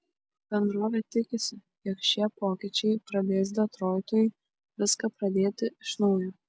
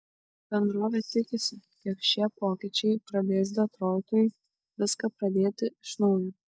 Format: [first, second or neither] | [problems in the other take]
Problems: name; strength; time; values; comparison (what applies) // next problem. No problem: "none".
first | noise reduction (neural mask model DeepFilterNet 3)